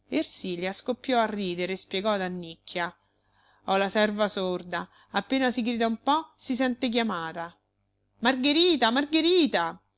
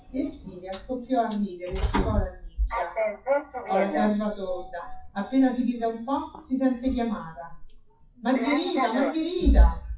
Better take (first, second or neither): first